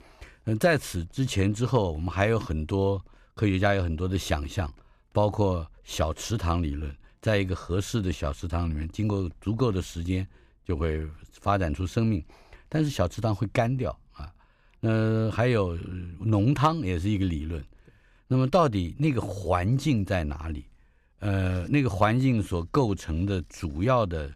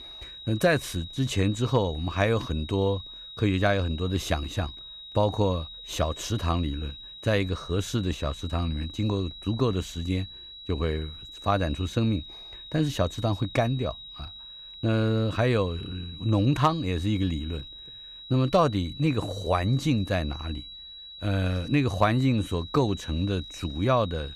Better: first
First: none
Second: high-pitched whine; noticeable; throughout; 4 kHz, 15 dB below the speech

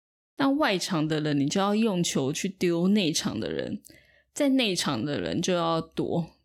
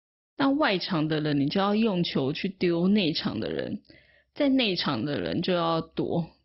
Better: first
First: none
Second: garbled, watery; badly; nothing above 5.5 kHz

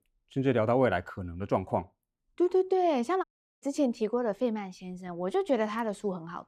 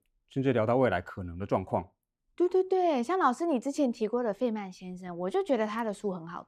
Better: second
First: audio cutting out; at 3 s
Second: none

